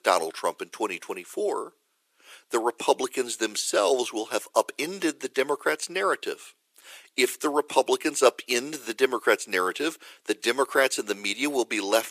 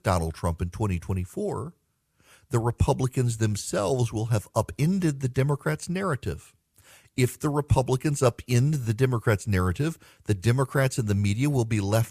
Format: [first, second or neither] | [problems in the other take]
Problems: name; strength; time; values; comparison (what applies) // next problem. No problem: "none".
second | thin; very; fading below 300 Hz